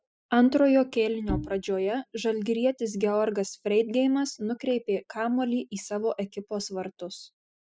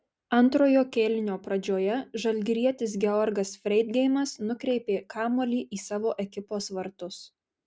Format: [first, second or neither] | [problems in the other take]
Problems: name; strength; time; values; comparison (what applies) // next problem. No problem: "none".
second | noise reduction (classical method spectral subtraction)